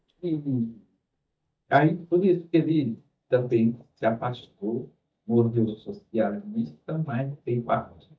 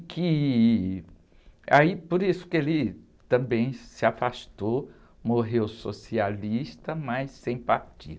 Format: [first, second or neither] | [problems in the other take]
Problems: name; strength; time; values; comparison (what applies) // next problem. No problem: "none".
second | noise reduction (neural mask model DeepFilterNet 3)